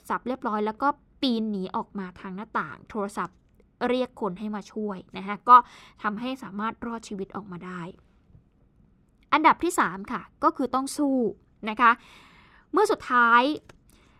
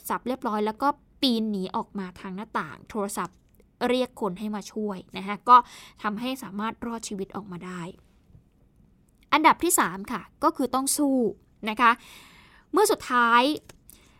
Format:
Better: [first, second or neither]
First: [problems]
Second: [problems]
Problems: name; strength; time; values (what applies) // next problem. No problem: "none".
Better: second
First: muffled; slightly; fading above 1.5 kHz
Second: none